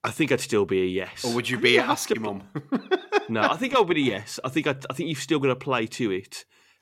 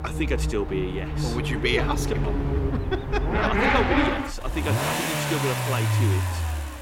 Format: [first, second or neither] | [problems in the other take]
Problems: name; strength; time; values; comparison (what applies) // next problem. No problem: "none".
first | traffic noise; very loud; throughout; 3 dB above the speech